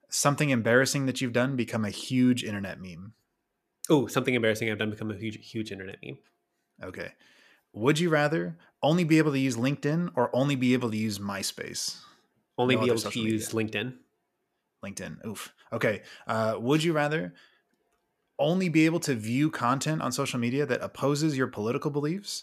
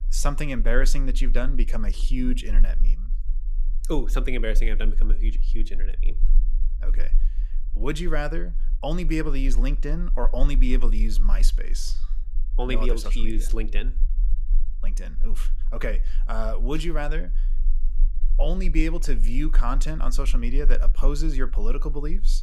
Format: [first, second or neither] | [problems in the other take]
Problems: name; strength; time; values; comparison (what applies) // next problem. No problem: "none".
first | low rumble; faint; throughout; 25 dB below the speech